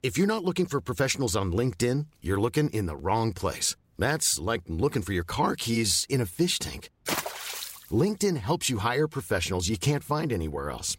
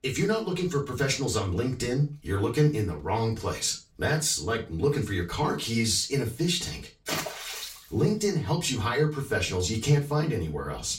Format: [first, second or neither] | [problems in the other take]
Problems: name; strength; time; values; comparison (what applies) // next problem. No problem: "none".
first | room echo; slight; dies away in 0.3 s // off-mic speech; far